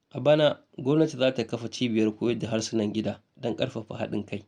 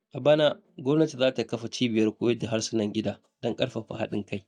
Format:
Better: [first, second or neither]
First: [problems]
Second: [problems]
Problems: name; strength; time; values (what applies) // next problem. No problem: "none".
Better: first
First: none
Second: noise reduction (neural mask model DeepFilterNet 3)